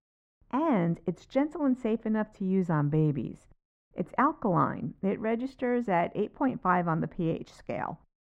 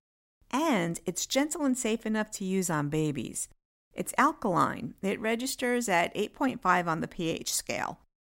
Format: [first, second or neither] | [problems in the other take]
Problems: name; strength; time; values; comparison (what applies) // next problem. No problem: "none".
second | muffled; very; fading above 4 kHz